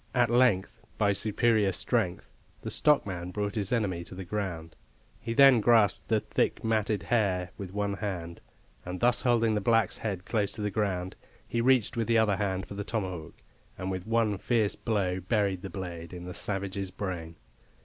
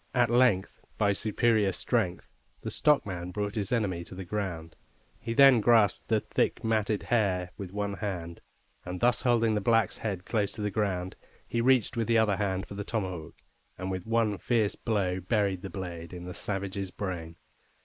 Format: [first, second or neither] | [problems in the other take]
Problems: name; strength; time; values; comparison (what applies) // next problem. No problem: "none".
first | noise reduction (neural mask model Resemble Enhance denoiser)